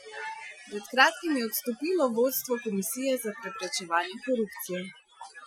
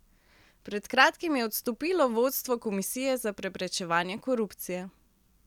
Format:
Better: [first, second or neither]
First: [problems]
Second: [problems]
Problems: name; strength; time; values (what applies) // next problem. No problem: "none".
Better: second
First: noise reduction (classical method Wiener filter)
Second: none